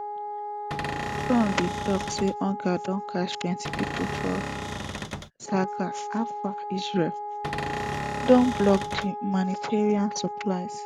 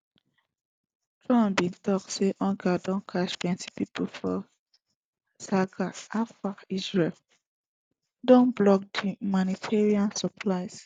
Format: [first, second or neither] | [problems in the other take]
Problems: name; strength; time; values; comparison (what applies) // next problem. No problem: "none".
second | background sound (Cupboard open or close / Door + Wind instrument, woodwind instrument); 5 dB below the speech